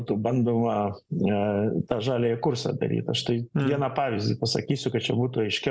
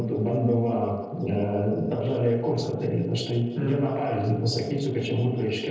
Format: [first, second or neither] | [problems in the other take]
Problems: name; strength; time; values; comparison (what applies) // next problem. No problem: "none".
first | noise reduction (neural separator model SepFormer DNS4)